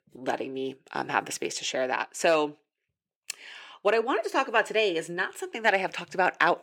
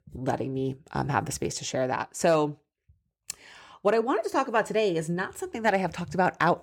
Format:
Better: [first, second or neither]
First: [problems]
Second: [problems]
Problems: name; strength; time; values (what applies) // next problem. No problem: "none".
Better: second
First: thin; somewhat; fading below 350 Hz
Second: none